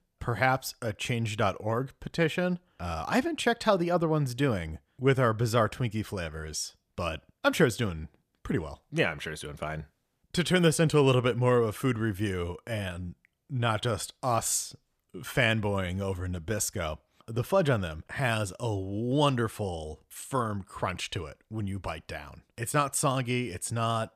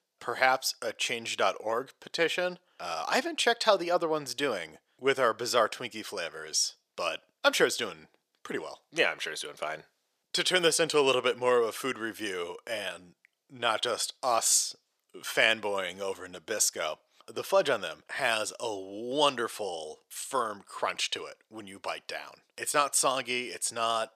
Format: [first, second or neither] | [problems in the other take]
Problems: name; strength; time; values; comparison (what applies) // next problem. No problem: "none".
first | thin; very; fading below 500 Hz